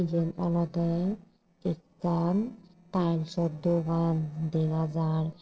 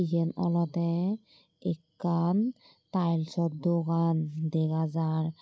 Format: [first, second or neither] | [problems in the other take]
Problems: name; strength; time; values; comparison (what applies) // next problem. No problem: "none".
second | noise reduction (neural separator model SepFormer DNS4)